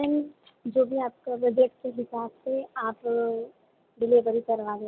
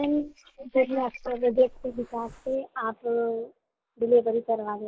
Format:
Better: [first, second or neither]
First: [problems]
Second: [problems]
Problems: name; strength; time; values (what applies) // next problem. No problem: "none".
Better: first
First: none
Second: noise reduction (neural mask model Resemble Enhance denoiser)